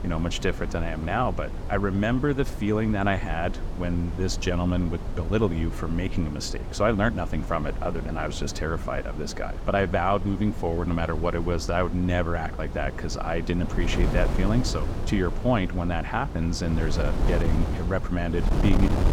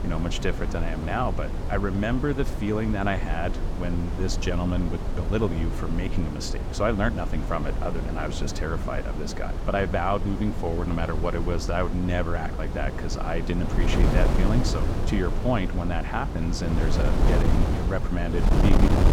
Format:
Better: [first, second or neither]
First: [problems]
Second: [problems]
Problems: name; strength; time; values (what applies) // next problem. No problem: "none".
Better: first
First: wind noise on the microphone; occasional gusts; 10 dB below the speech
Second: wind noise on the microphone; heavy; 5 dB below the speech